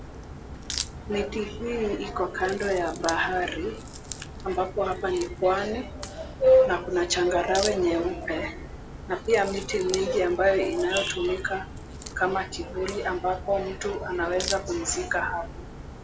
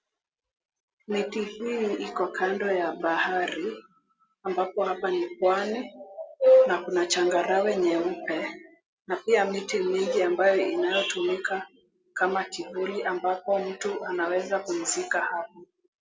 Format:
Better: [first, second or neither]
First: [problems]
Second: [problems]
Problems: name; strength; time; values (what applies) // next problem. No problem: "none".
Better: second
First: background sound (Crack); 11 dB below the speech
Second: none